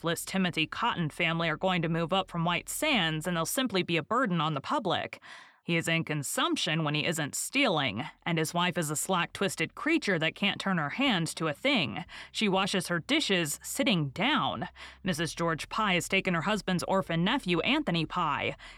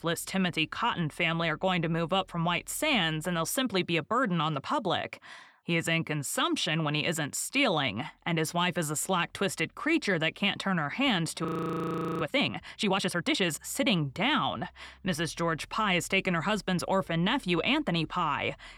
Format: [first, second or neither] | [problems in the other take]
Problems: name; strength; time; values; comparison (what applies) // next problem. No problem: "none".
first | audio freezing; at 11 s for 1 s